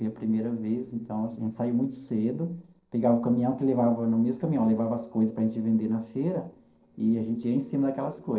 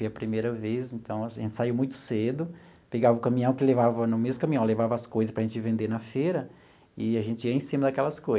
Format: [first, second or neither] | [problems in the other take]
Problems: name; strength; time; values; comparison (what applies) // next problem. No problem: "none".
second | noise reduction (neural separator model SepFormer DNS4)